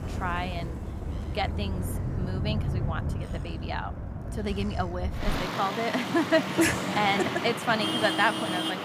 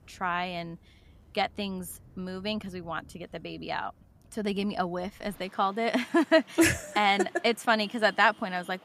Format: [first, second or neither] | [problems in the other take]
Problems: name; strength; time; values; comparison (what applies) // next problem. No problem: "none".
second | traffic noise; loud; throughout; 3 dB below the speech; faint in the second